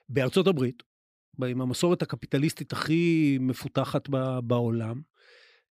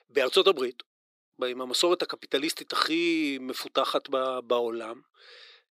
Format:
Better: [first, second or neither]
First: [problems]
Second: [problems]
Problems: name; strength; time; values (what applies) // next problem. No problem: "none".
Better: first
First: none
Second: thin; very; fading below 400 Hz